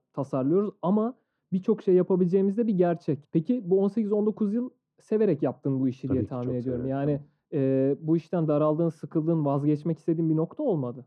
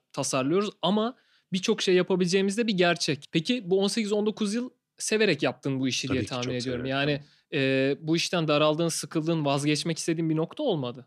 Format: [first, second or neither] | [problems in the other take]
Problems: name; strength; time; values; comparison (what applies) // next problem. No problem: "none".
second | muffled; very; fading above 1.5 kHz